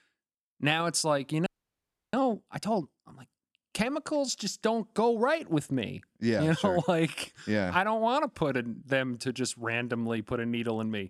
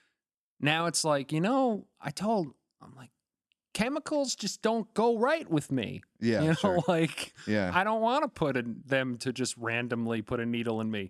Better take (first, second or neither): second